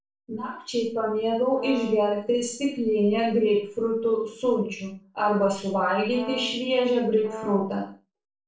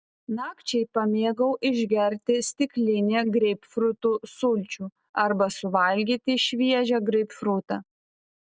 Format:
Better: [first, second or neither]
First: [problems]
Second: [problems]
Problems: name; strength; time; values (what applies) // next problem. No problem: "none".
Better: second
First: noise reduction (neural separator model SepFormer DNS4)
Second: none